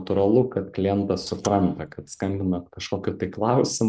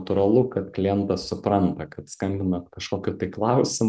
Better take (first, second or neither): second